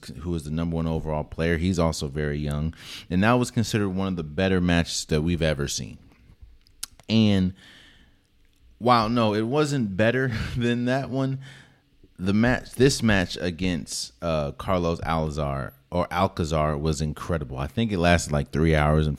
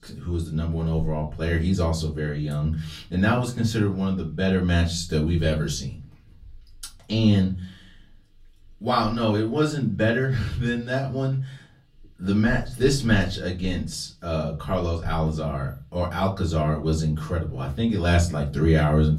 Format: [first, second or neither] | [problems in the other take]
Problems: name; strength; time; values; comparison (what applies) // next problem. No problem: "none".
first | off-mic speech; far // room echo; very slight; dies away in 0.3 s